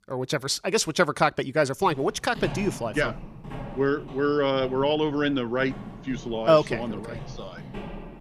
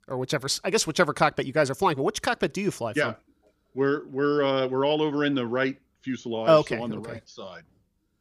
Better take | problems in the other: second | footsteps; noticeable; from 2 s on; peak 9 dB below the speech

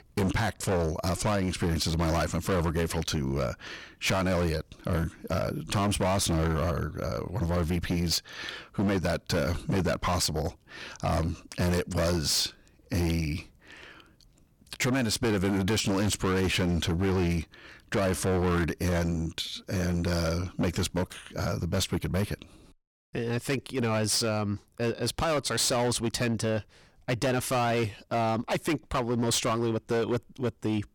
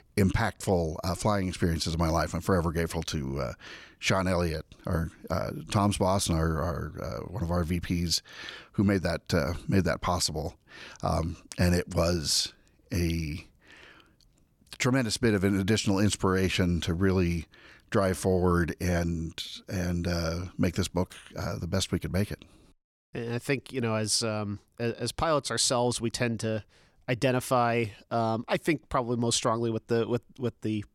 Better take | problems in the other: second | distortion; heavy; 17% of the sound clipped

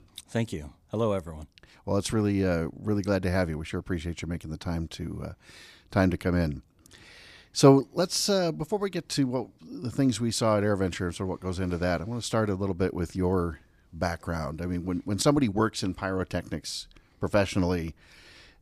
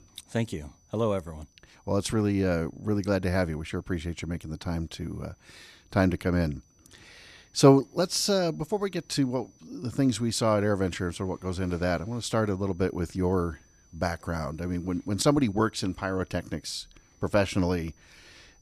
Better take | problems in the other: first | high-pitched whine; faint; throughout; 6 kHz, 35 dB below the speech

